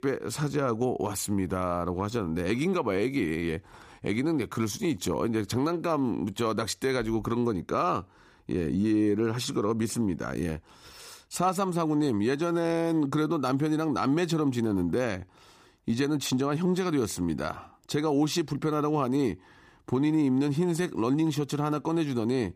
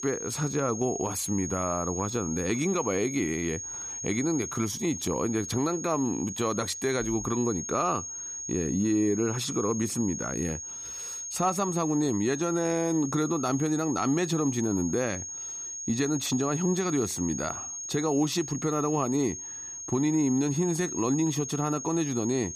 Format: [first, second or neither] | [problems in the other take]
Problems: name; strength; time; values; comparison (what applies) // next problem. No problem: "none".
first | high-pitched whine; loud; throughout; 6.5 kHz, 6 dB below the speech